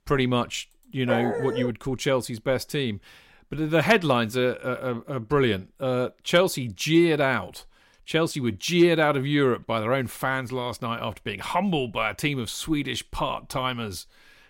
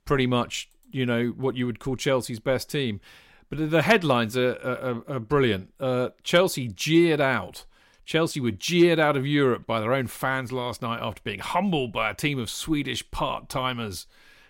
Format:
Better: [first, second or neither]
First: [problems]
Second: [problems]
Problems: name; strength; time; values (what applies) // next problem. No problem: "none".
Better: second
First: dog barking; noticeable; at 1 s; peak 3 dB below the speech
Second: none